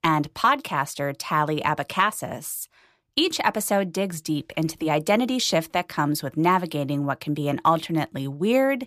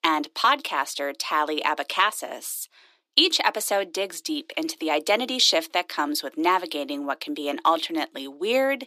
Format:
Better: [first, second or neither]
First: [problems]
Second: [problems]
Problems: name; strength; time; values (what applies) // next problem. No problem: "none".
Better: first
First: none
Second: thin; somewhat; fading below 300 Hz